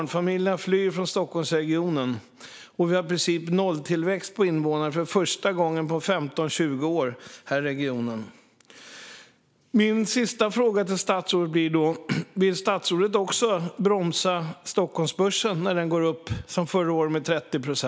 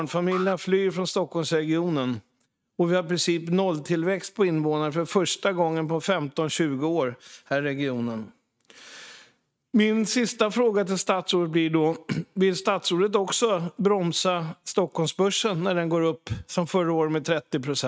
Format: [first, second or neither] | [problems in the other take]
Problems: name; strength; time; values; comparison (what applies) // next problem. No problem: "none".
first | noise reduction (neural mask model RNNoise)